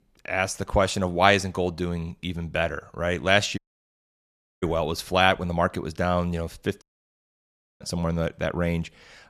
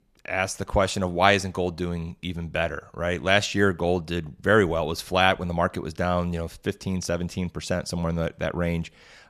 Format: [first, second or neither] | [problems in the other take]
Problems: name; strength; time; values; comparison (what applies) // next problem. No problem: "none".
second | audio cutting out; at 3.5 s for 1 s and at 7 s for 1 s